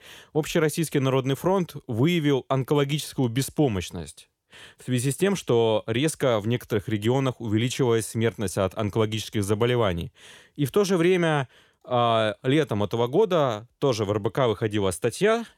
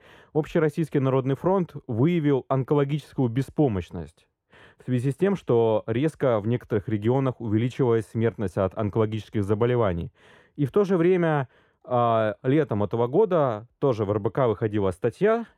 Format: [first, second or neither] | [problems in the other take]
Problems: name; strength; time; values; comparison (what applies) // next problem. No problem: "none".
first | muffled; very; fading above 2.5 kHz